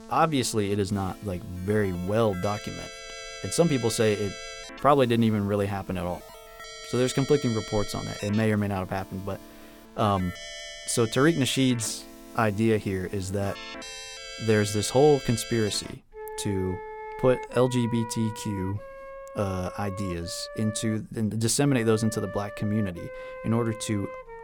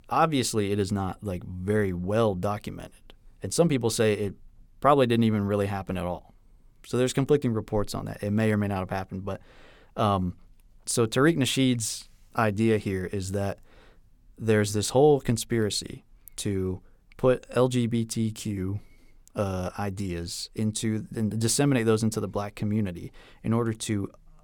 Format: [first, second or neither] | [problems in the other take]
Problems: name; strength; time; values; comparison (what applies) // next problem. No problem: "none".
second | background music; noticeable; throughout; 15 dB below the speech